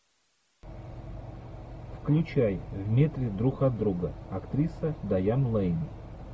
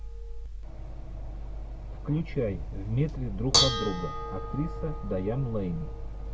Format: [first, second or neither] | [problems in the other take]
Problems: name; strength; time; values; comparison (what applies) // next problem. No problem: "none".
first | background sound (Dishes, pots, and pans / Bell); as loud as the speech